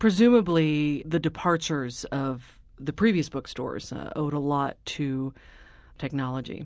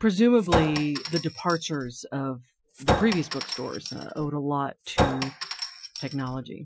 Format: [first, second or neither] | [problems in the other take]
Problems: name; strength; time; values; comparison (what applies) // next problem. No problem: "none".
first | noise reduction (classical method Wiener filter)